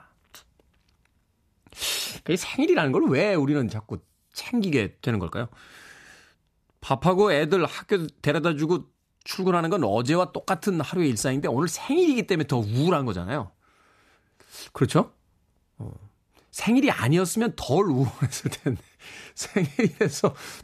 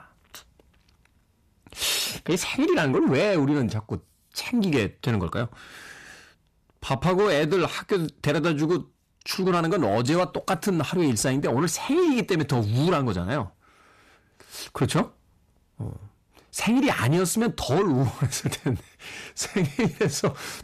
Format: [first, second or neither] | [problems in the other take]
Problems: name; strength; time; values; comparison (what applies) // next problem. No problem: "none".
first | distortion; slight; 10 dB below the speech